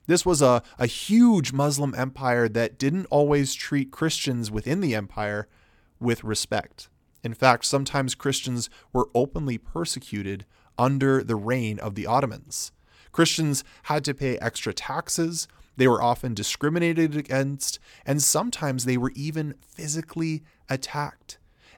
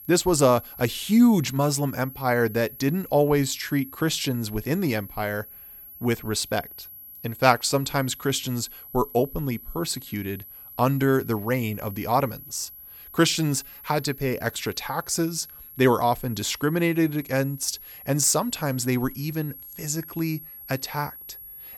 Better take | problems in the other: first | high-pitched whine; noticeable; throughout; 12 kHz, 15 dB below the speech

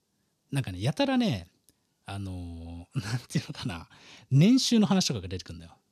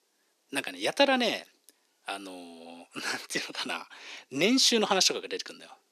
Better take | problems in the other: first | thin; somewhat; fading below 350 Hz

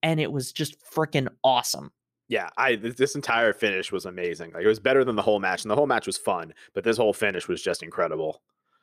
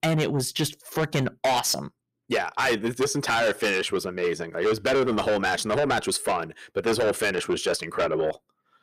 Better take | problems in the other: first | distortion; heavy; 6 dB below the speech

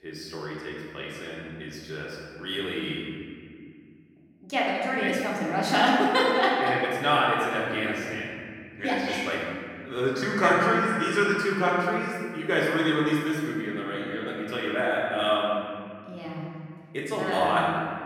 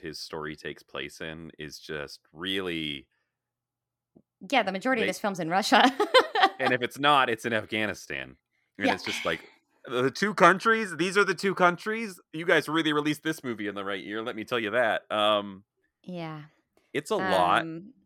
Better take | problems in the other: second | room echo; noticeable; dies away in 2.1 s // off-mic speech; far

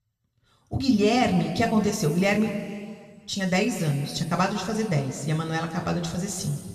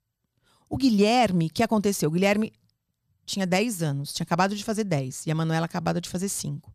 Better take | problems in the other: second | room echo; noticeable; dies away in 1.9 s // off-mic speech; somewhat distant

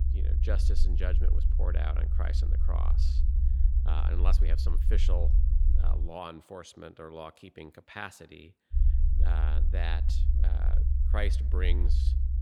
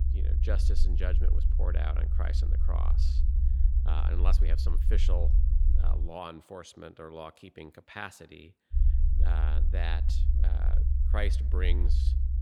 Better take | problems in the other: neither | low rumble; loud; until 6 s and from 8.5 s on; 7 dB below the speech; the same in both

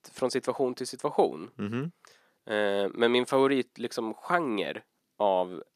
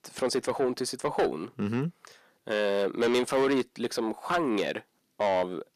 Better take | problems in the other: first | distortion; heavy; 8 dB below the speech

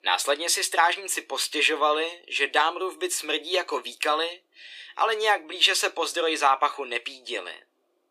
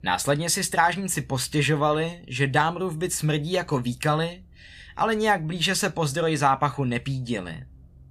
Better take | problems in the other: second | thin; very; fading below 350 Hz

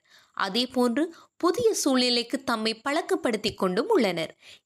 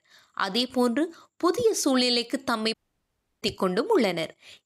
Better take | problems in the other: first | audio cutting out; at 2.5 s for 0.5 s

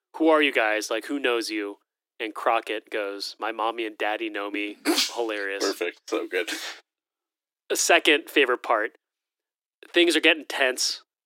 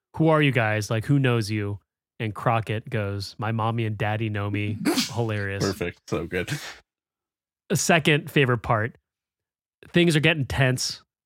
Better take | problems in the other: second | thin; very; fading below 300 Hz

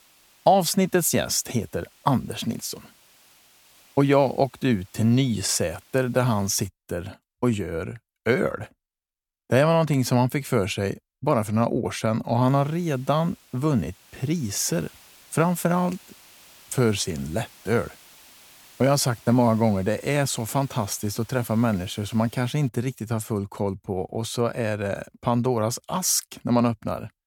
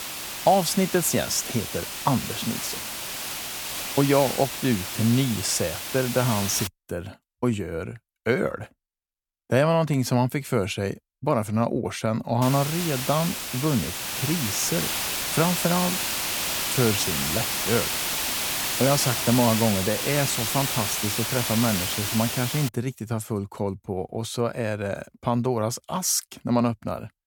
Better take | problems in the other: first | hiss; loud; until 6.5 s and from 12 to 23 s; 1 dB below the speech; faint in the first

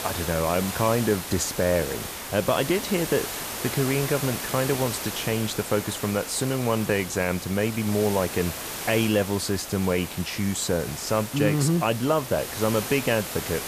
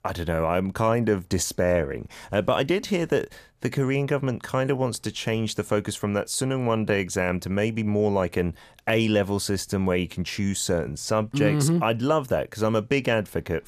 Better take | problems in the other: second | hiss; loud; throughout; 7 dB below the speech

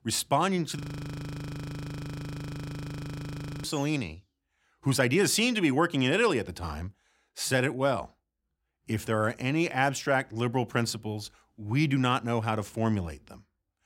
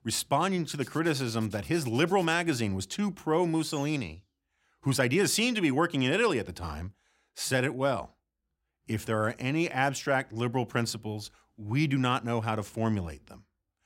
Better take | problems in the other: second | audio freezing; at 1 s for 3 s

